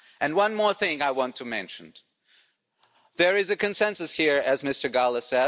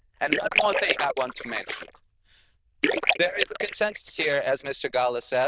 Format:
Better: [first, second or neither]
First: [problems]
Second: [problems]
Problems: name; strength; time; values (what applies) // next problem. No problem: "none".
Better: first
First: none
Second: noise reduction (neural diffusion model UNIVERSE++)